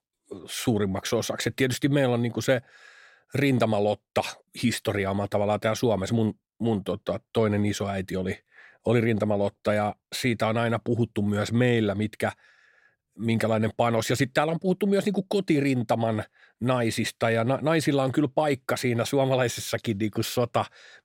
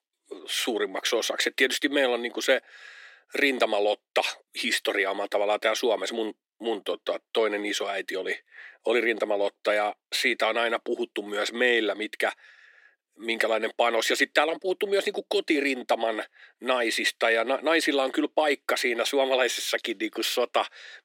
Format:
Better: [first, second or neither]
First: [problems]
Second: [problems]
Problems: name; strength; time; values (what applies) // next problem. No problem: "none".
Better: first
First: none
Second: thin; somewhat; fading below 300 Hz